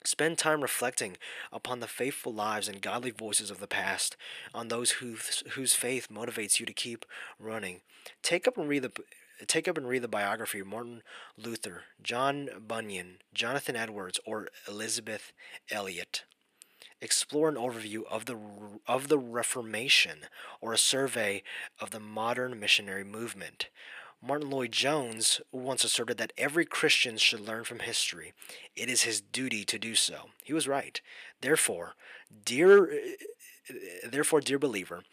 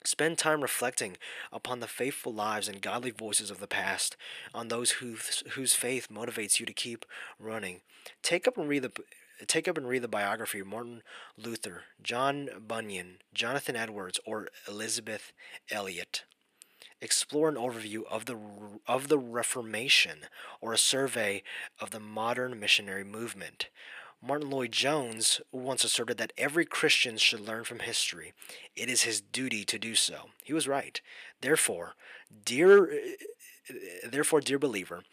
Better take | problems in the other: neither | thin; very; fading below 500 Hz; the same in both

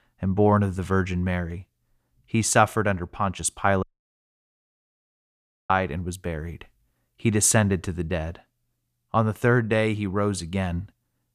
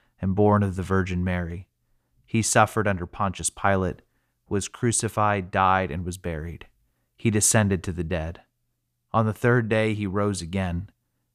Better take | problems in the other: second | audio cutting out; at 4 s for 2 s

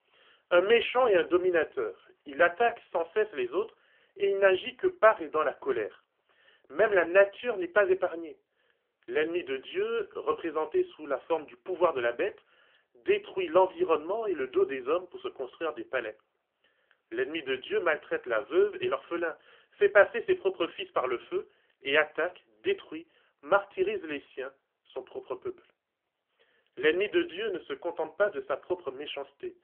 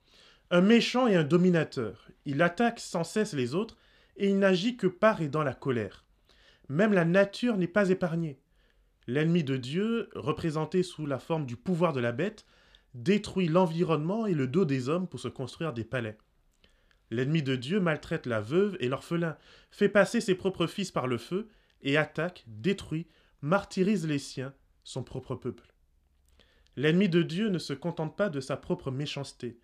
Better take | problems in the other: second | phone-call audio; poor line; nothing above 3 kHz

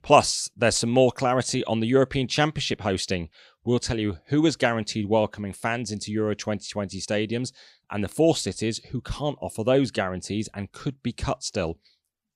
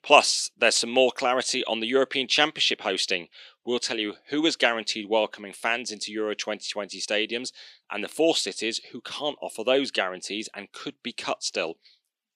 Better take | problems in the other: first | thin; somewhat; fading below 300 Hz

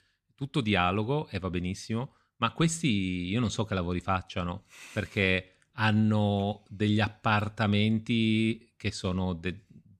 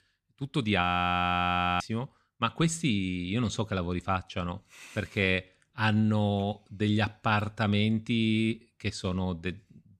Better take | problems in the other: first | audio freezing; at 1 s for 1 s

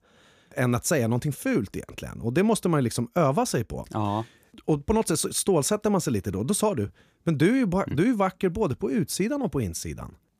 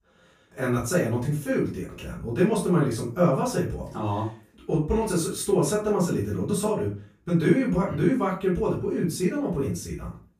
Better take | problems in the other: first | off-mic speech; far // room echo; slight; dies away in 0.3 s

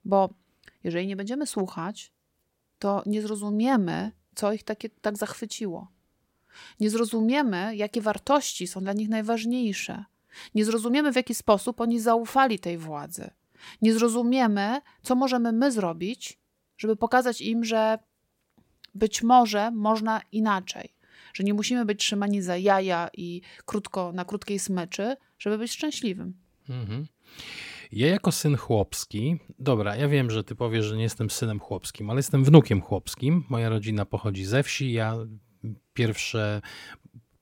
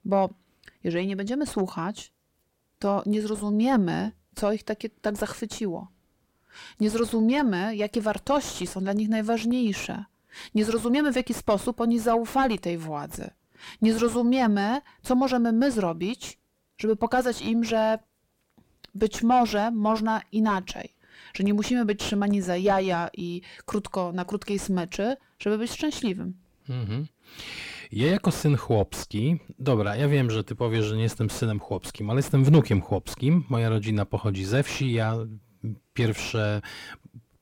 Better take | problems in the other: first | distortion; slight; 10 dB below the speech

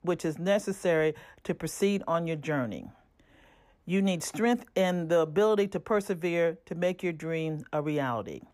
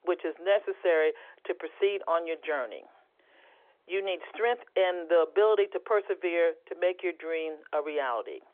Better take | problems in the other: first | phone-call audio; nothing above 3.5 kHz

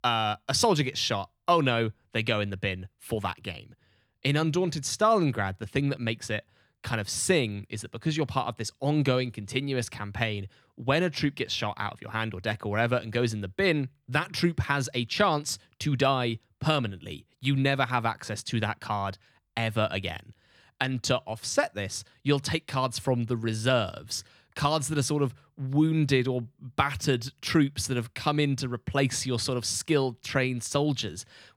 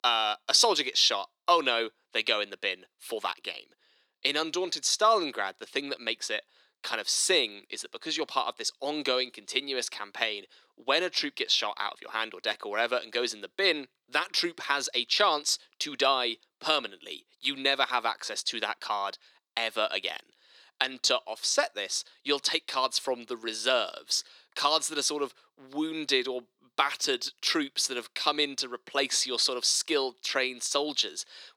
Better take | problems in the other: first | thin; somewhat; fading below 350 Hz

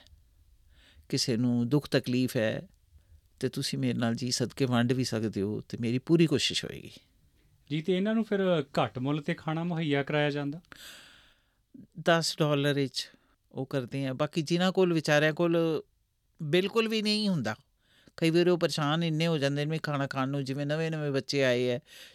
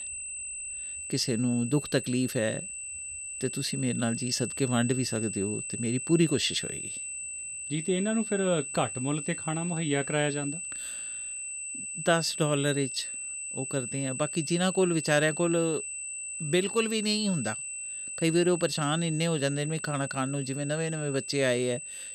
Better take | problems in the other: first | high-pitched whine; loud; throughout; 8 kHz, 6 dB below the speech

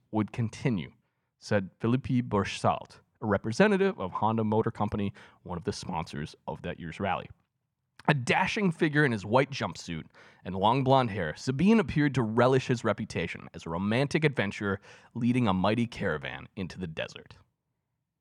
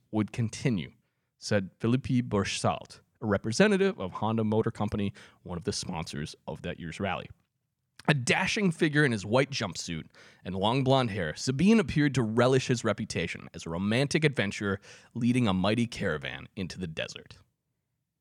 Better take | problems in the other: second | muffled; slightly; fading above 4 kHz

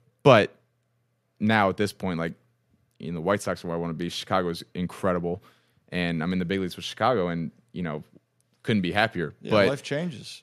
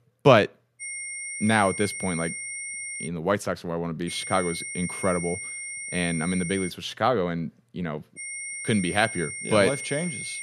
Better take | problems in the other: first | high-pitched whine; loud; from 1 to 3 s, from 4 to 6.5 s and from 8 s on; 2 kHz, 7 dB below the speech

